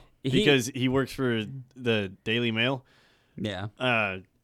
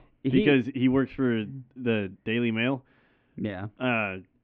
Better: first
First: none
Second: muffled; very; fading above 2.5 kHz

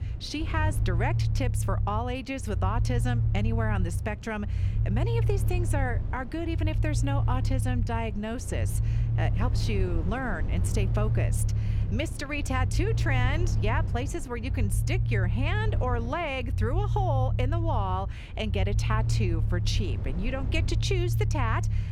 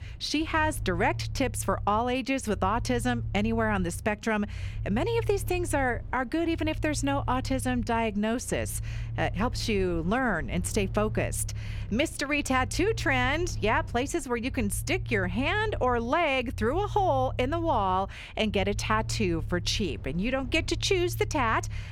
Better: second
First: low rumble; loud; throughout; 10 dB below the speech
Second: low rumble; faint; throughout; 25 dB below the speech

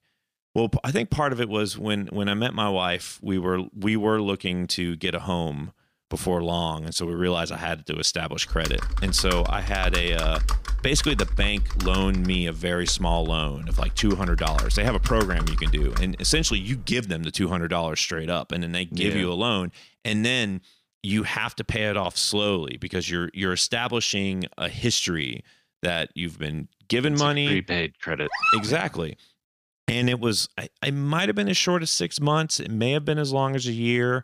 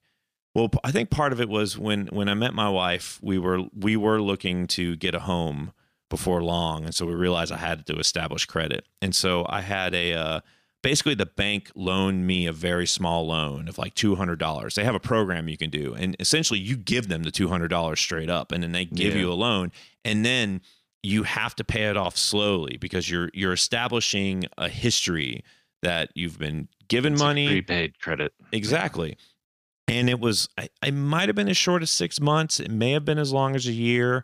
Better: second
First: keyboard typing; noticeable; from 8.5 to 17 s; peak 1 dB below the speech // dog barking; loud; at 28 s; peak 4 dB above the speech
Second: none

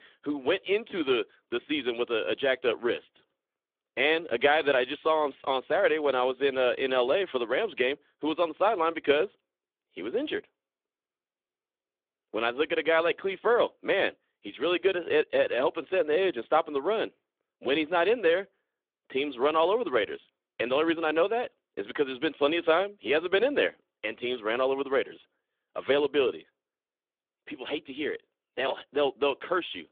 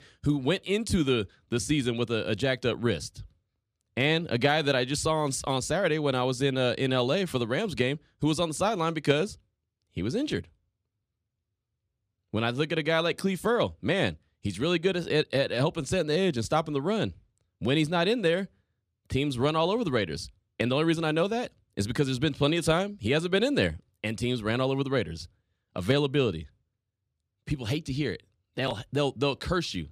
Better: second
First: phone-call audio; nothing above 3.5 kHz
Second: none

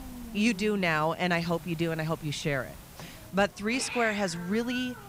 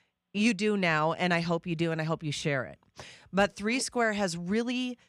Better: second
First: hiss; noticeable; throughout; 15 dB below the speech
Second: none

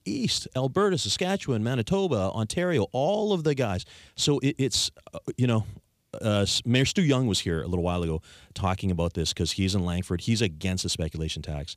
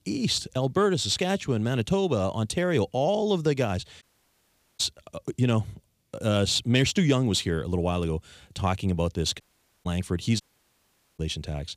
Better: first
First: none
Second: audio cutting out; at 4 s for 1 s, at 9.5 s and at 10 s for 1 s

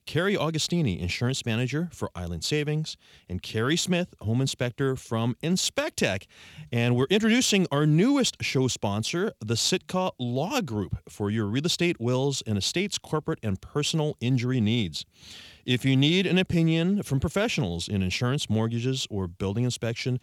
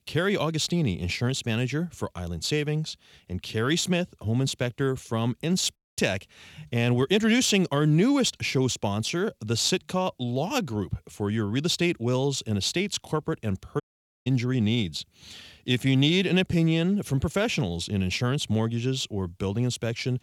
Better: first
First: none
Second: audio cutting out; at 6 s and at 14 s

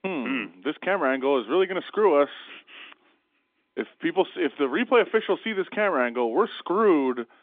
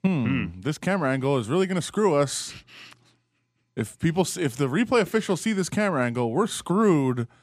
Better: second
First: phone-call audio; nothing above 3.5 kHz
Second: none

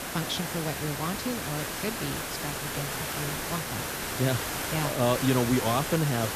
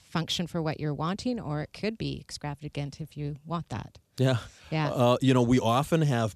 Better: second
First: hiss; loud; throughout; 1 dB below the speech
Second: none

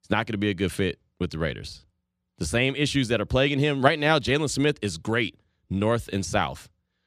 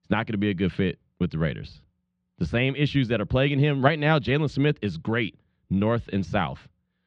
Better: first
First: none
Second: muffled; slightly; fading above 3.5 kHz

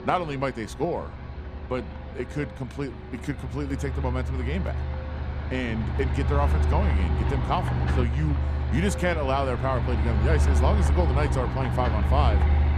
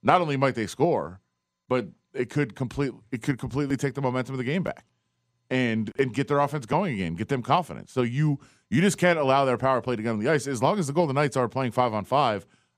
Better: second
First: traffic noise; very loud; throughout; 4 dB above the speech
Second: none

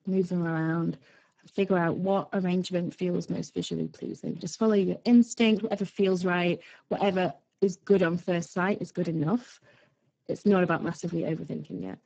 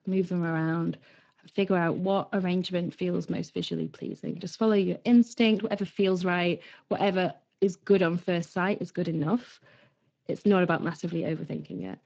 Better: second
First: garbled, watery; badly; nothing above 7.5 kHz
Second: garbled, watery; slightly

